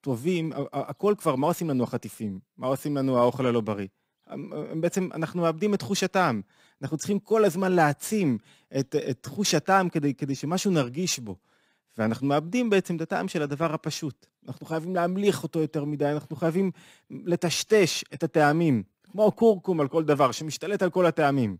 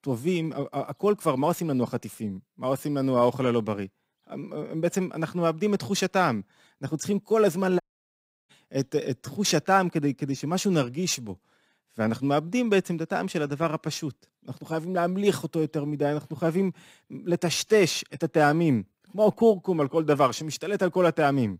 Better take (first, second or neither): first